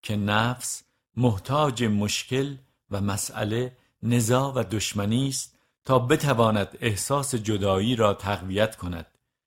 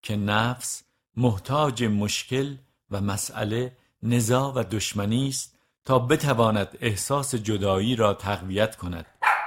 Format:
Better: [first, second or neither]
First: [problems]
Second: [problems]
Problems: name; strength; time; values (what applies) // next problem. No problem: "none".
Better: first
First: none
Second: dog barking; loud; at 9 s; peak 2 dB above the speech